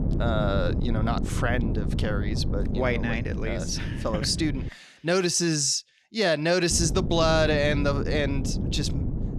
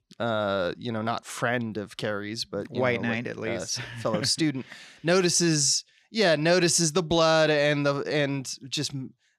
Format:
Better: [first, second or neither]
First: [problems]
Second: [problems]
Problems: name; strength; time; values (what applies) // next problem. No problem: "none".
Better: second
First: wind noise on the microphone; occasional gusts; until 4.5 s and from 6.5 s on; 10 dB below the speech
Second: none